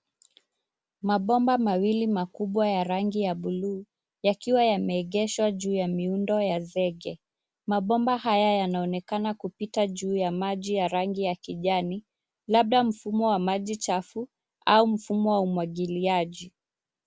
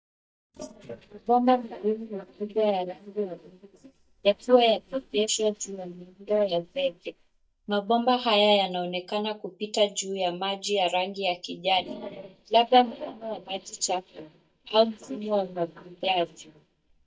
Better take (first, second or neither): first